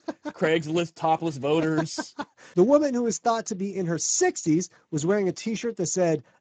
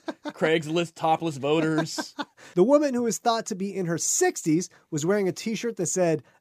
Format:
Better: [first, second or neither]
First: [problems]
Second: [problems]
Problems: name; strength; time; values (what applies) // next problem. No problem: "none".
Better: second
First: garbled, watery; badly; nothing above 7.5 kHz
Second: none